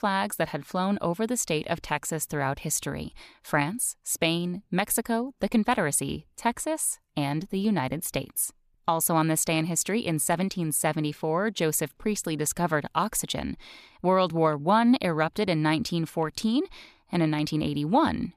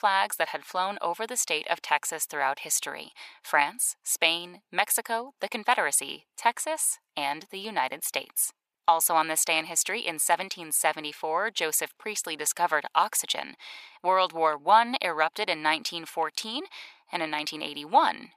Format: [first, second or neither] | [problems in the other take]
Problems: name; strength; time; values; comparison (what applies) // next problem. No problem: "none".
first | thin; very; fading below 650 Hz